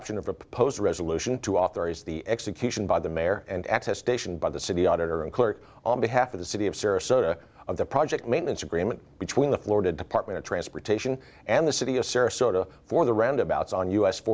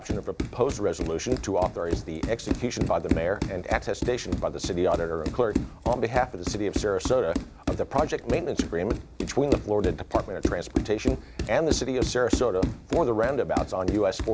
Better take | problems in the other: first | background sound (Run); 4 dB below the speech

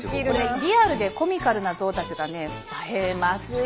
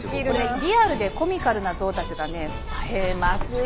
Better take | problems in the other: first | background sound (Zipper (clothing)); 6 dB below the speech

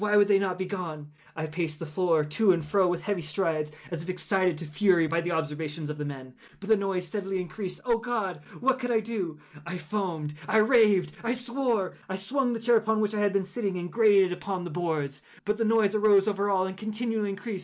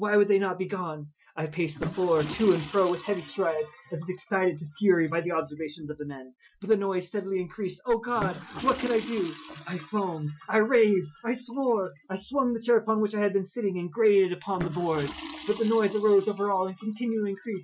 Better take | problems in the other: first | noise reduction (classical method Wiener filter)

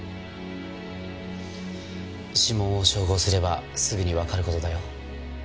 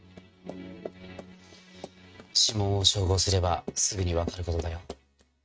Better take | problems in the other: first | noise reduction (neural mask model RNNoise)

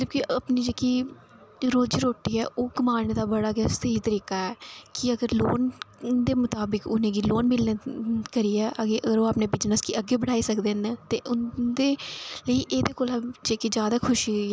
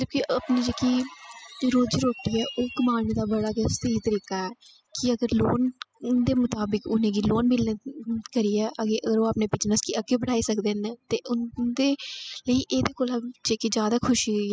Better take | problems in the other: first | noise reduction (classical method spectral subtraction)

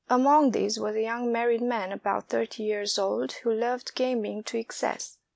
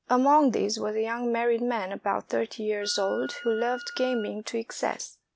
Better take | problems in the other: first | background sound (Wind instrument, woodwind instrument); 16 dB below the speech

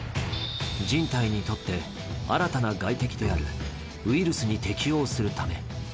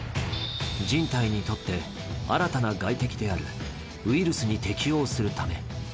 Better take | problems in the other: second | background sound (Bowed string instrument); 15 dB below the speech

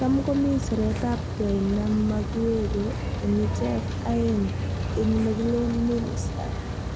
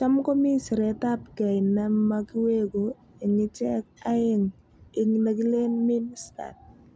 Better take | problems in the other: second | background sound (Rain); 3 dB below the speech

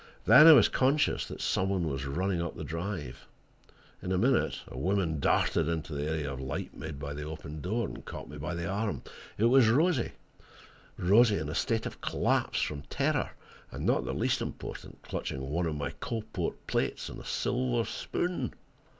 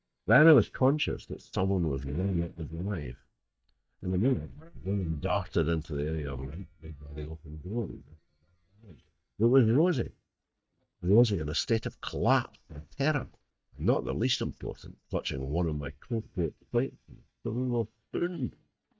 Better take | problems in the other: first | noise reduction (neural mask model DeepFilterNet 3)

